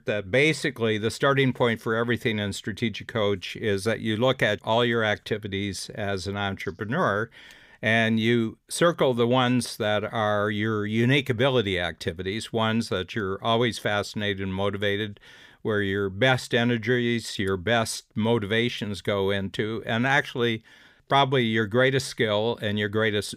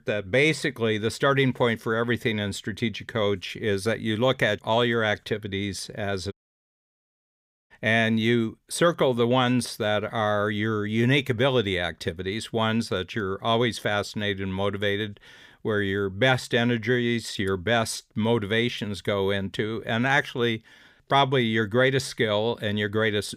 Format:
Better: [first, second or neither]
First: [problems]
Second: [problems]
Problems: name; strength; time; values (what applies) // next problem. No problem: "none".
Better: first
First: none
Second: audio cutting out; at 6.5 s for 1.5 s